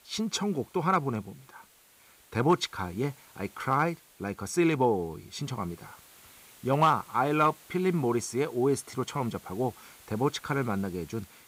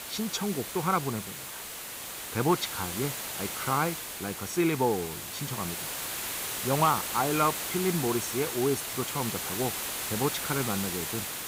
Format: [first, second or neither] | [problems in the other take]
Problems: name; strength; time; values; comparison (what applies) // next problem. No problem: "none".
first | hiss; loud; throughout; 3 dB below the speech; faint in the first